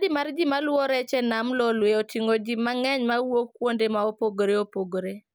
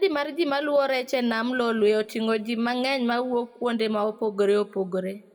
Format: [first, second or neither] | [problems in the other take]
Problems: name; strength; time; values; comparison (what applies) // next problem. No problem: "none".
first | room echo; dies away in 1.8 s